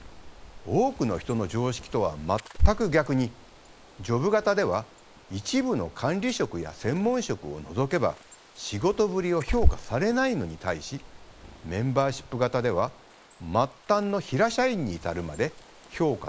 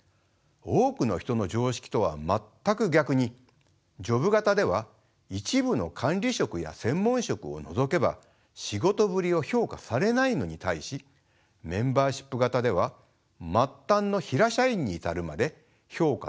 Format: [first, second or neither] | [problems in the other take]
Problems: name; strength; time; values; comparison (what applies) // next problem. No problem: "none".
second | noise reduction (neural mask model Resemble Enhance denoiser)